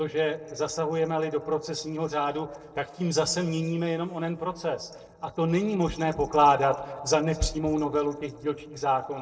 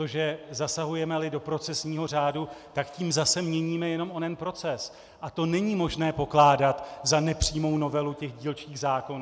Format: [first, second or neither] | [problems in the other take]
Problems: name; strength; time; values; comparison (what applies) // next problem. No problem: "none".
second | noise reduction (neural separator model SepFormer DNS4)